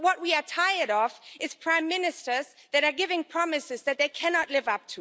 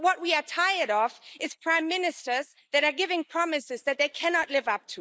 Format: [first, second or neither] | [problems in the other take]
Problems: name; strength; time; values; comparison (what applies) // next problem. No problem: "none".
first | noise reduction (neural mask model Resemble Enhance denoiser)